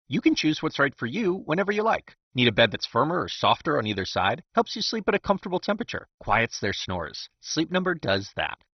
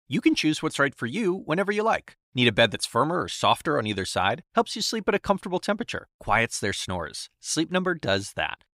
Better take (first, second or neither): second